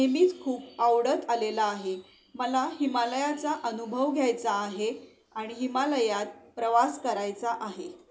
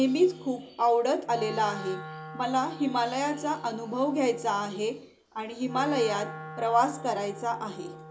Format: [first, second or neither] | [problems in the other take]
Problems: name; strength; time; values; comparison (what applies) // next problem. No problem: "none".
first | background sound (Wind instrument, woodwind instrument); 14 dB below the speech